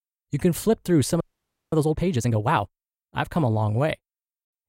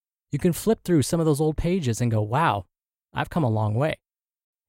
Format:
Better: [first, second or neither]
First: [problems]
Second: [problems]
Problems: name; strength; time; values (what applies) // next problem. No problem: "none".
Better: second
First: audio freezing; at 1 s for 0.5 s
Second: none